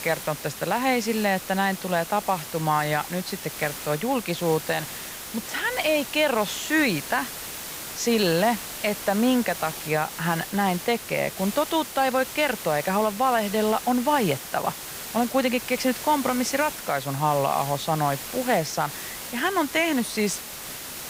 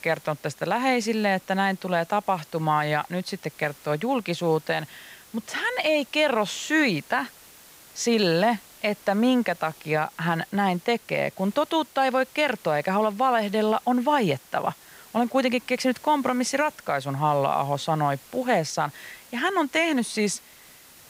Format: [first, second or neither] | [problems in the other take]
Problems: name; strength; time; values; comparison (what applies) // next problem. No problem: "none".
second | hiss; loud; throughout; 9 dB below the speech; faint in the second